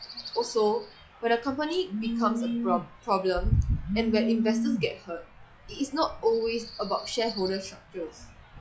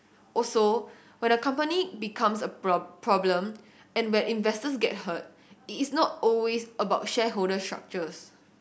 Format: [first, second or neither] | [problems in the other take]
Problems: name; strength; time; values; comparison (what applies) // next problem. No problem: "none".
second | noise reduction (classical method log-MMSE)